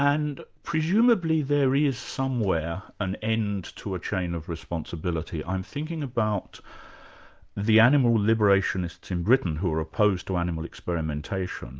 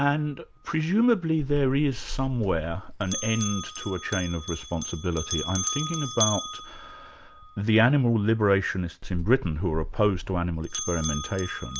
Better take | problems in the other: first | background sound (Bell); 9 dB below the speech

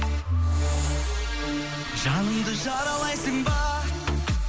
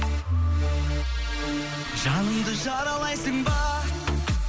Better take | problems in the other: second | background sound (Hiss); 16 dB below the speech

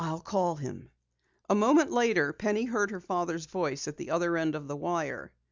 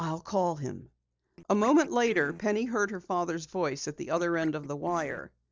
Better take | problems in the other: first | noise reduction (neural separator model SepFormer DNS4)

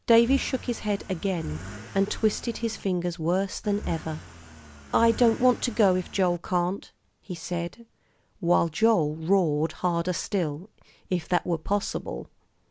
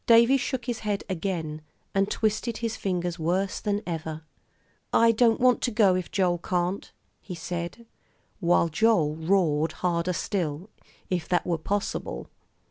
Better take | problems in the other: second | background sound (Accelerating, revving, vroom / Car); 13 dB below the speech

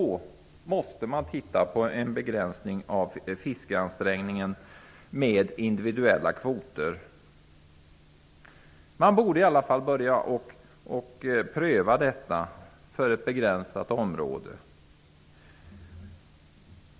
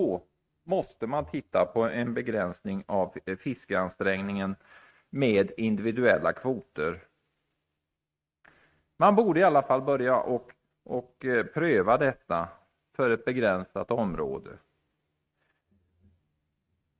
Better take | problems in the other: first | noise reduction (neural mask model RNNoise)

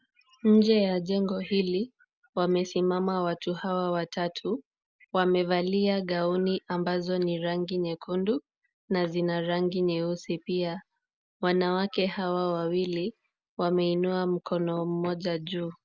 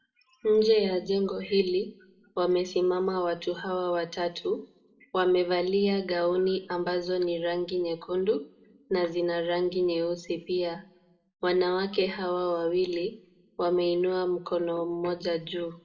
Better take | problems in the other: first | room echo; dies away in 0.4 s

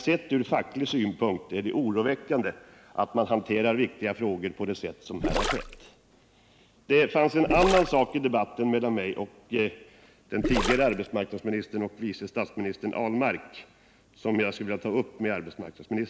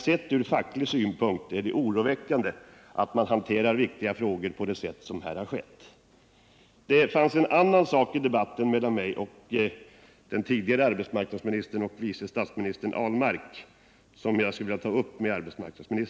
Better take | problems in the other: second | background sound (Gurgling); 3 dB below the speech

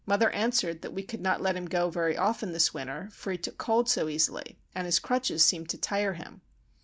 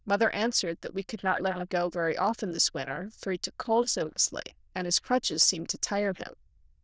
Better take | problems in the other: first | noise reduction (neural diffusion model UNIVERSE++)

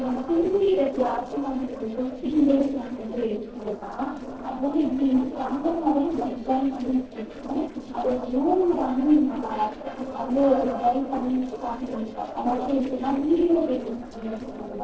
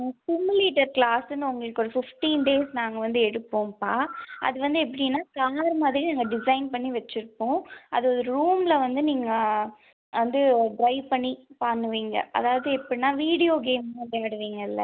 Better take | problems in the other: second | noise reduction (neural separator model SepFormer DNS4)

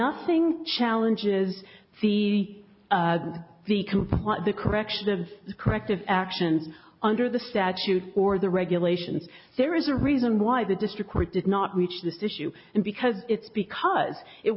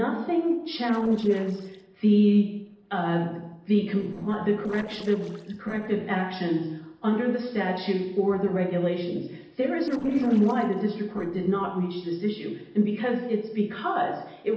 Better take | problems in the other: first | noise reduction (neural separator model SepFormer DNS4)

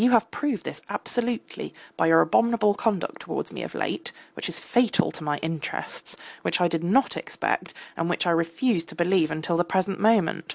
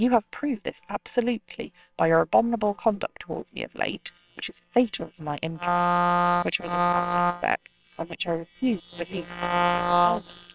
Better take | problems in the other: first | noise reduction (neural separator model SepFormer WHAMR!)

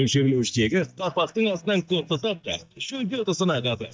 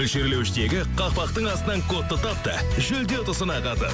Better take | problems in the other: second | noise reduction (neural mask model DeepFilterNet 3)

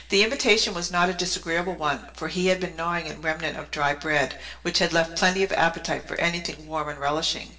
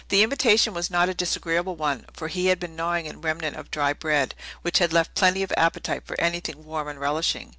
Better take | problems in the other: second | room echo; dies away in 0.8 s

